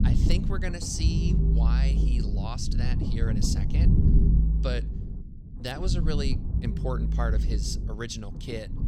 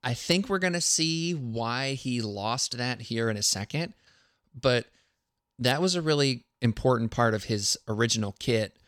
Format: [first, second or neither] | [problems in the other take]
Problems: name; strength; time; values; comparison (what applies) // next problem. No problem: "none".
second | low rumble; loud; throughout; 3 dB below the speech